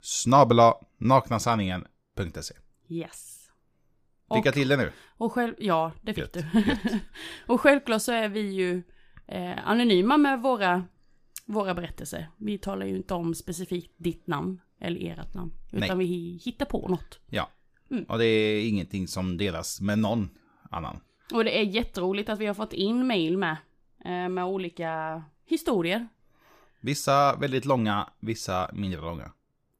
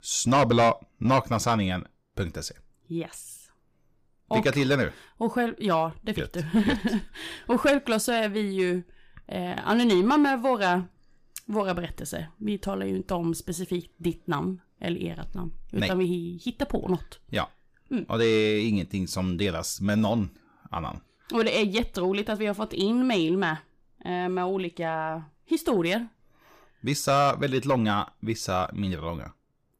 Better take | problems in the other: first | distortion; slight; 10 dB below the speech

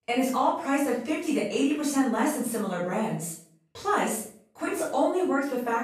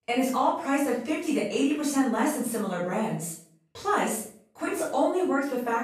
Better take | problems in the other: neither | off-mic speech; far; the same in both // room echo; noticeable; dies away in 0.4 s; the same in both

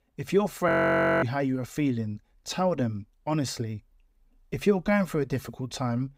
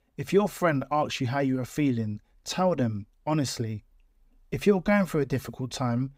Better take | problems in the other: second | audio freezing; at 0.5 s for 0.5 s

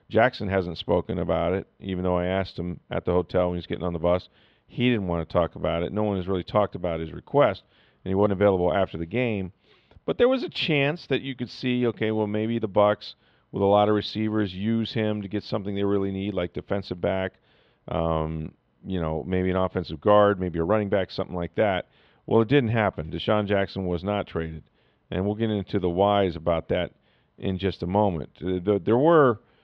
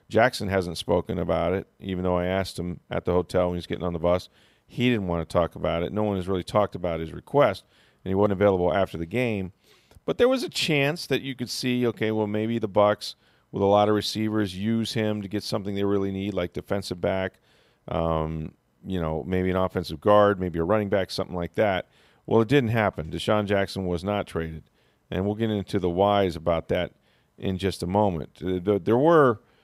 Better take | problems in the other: second | muffled; slightly; fading above 3.5 kHz

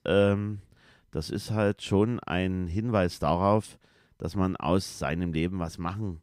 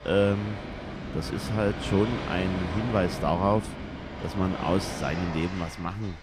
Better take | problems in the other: first | rain or running water; loud; throughout; 7 dB below the speech

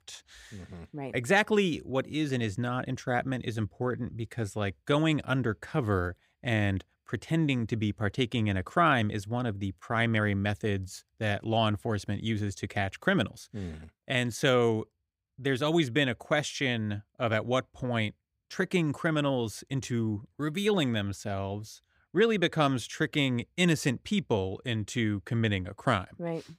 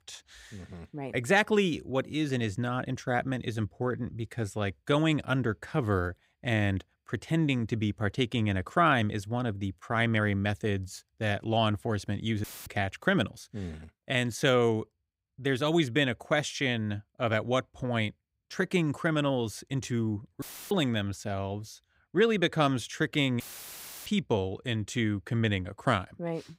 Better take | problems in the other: first | audio cutting out; filled with static; at 12 s, at 20 s and at 23 s for 0.5 s

